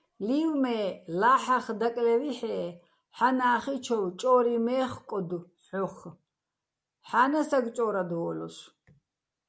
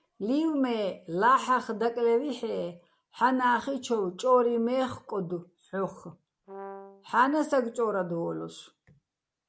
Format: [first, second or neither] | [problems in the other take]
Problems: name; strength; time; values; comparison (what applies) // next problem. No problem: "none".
first | background sound (Brass instrument); 16 dB below the speech